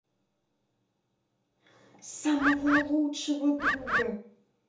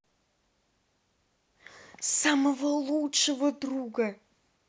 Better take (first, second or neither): second